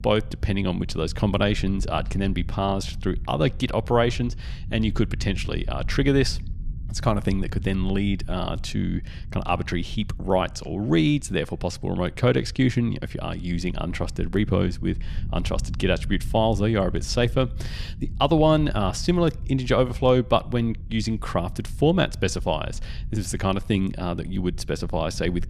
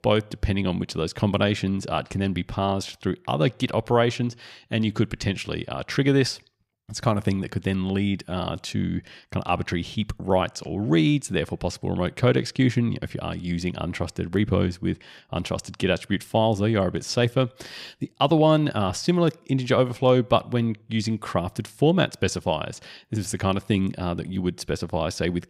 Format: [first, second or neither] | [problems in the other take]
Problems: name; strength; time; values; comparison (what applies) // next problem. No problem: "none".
second | low rumble; faint; throughout; 25 dB below the speech